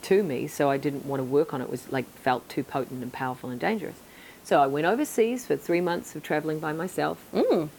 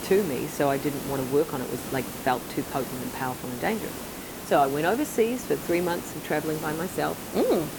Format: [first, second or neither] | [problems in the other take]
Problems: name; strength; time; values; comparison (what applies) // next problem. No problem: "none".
first | hiss; loud; throughout; 8 dB below the speech; faint in the first